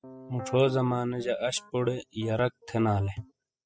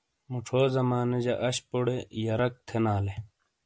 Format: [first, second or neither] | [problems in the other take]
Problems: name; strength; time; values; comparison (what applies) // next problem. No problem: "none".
second | noise reduction (classical method spectral subtraction)